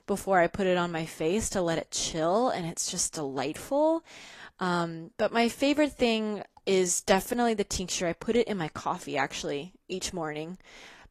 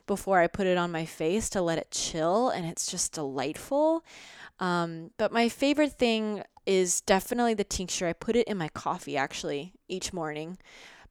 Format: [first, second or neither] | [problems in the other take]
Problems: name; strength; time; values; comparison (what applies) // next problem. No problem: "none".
second | garbled, watery; slightly; nothing above 13.5 kHz